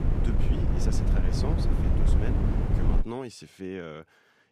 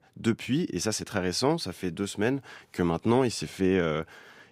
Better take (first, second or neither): second